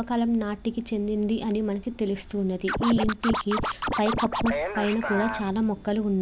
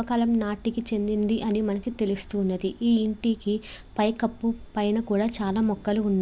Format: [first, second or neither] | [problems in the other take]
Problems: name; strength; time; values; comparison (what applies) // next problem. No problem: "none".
second | background sound (Scratching (performance technique)); 4 dB below the speech